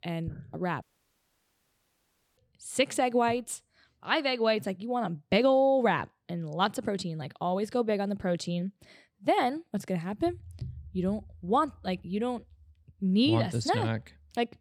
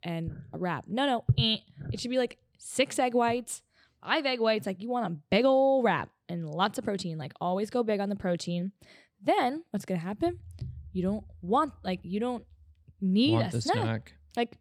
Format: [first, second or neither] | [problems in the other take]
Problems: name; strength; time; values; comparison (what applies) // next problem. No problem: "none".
second | audio cutting out; at 1 s for 1.5 s